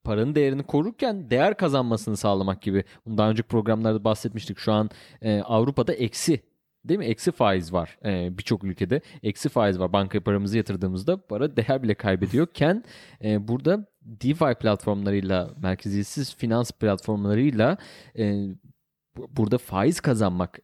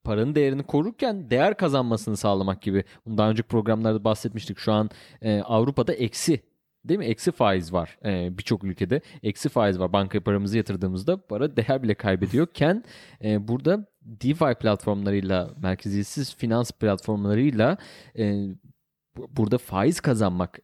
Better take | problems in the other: neither | none

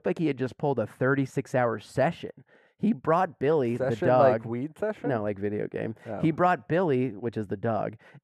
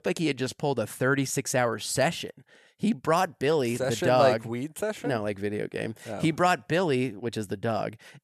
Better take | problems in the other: second | muffled; very; fading above 3 kHz

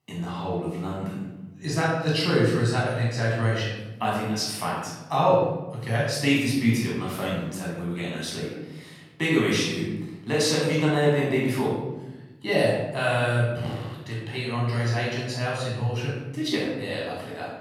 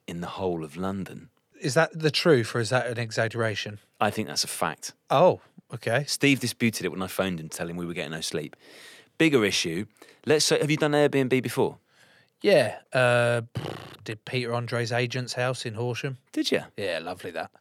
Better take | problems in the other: second | off-mic speech; far // room echo; noticeable; dies away in 1.1 s

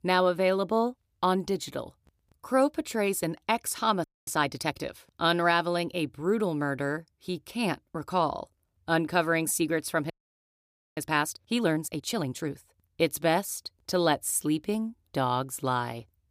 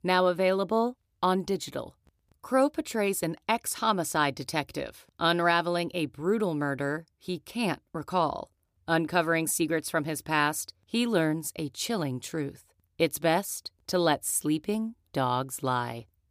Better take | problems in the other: second | audio freezing; at 4 s and at 10 s for 1 s

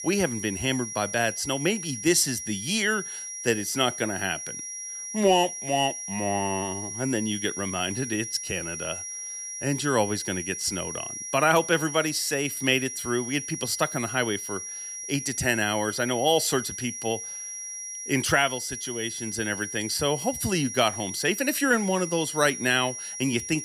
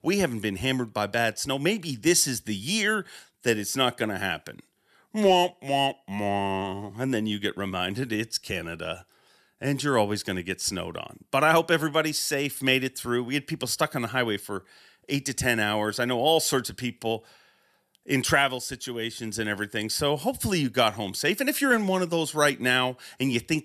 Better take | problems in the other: second | high-pitched whine; loud; throughout; 5.5 kHz, 7 dB below the speech

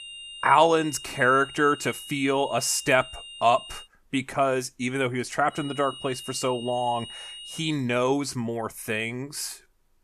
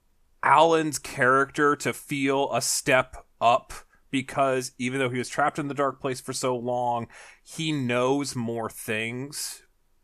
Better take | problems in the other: second | high-pitched whine; noticeable; until 4 s and from 5.5 to 7.5 s; 3 kHz, 15 dB below the speech

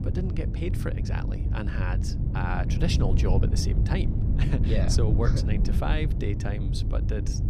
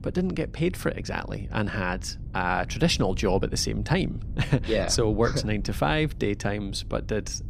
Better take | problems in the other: second | low rumble; loud; throughout; 5 dB below the speech; faint in the second

